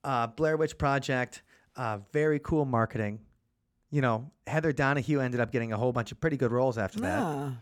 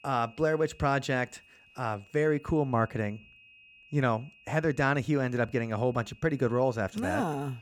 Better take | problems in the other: first | high-pitched whine; faint; throughout; 2.5 kHz, 25 dB below the speech

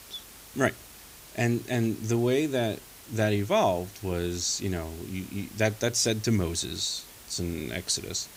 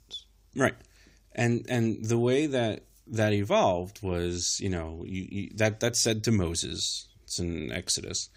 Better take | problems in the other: second | hiss; noticeable; throughout; 20 dB below the speech

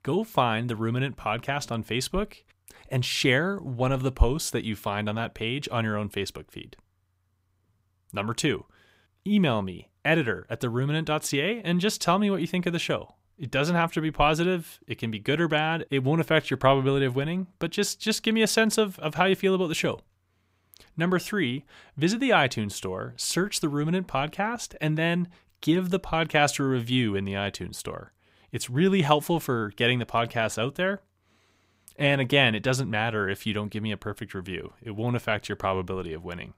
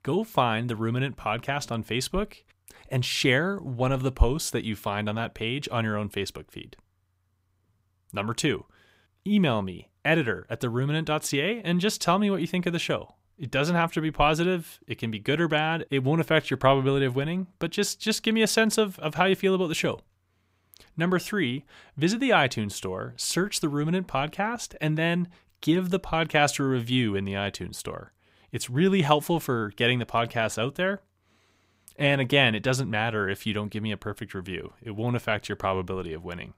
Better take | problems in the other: neither | none

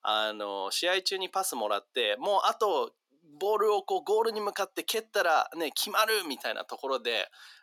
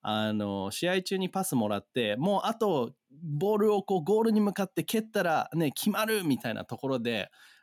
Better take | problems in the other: second | thin; very; fading below 400 Hz

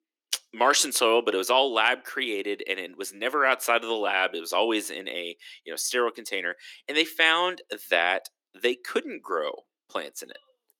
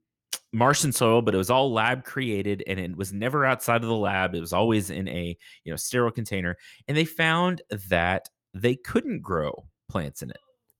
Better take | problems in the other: second | thin; somewhat; fading below 300 Hz

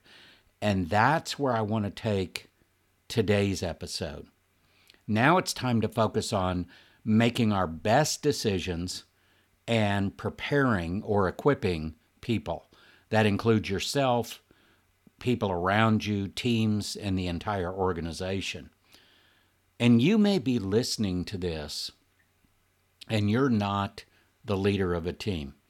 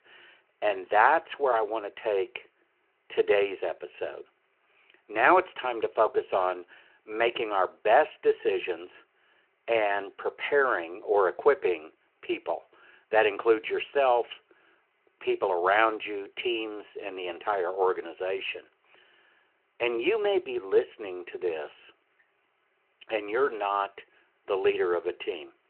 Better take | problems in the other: first | phone-call audio

